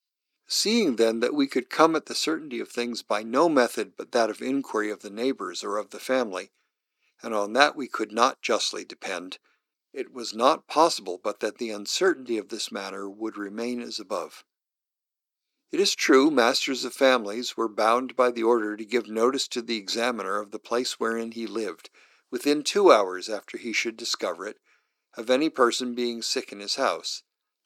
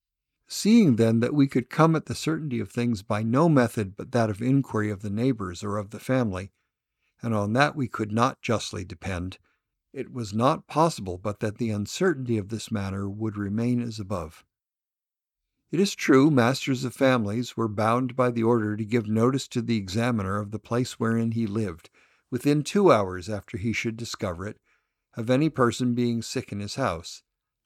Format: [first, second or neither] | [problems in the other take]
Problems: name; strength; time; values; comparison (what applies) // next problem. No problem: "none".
second | thin; somewhat; fading below 300 Hz